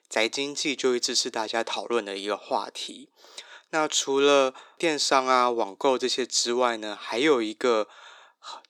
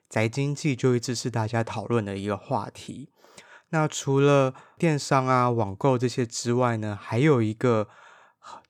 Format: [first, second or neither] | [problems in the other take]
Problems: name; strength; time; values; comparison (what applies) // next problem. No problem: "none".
second | thin; somewhat; fading below 300 Hz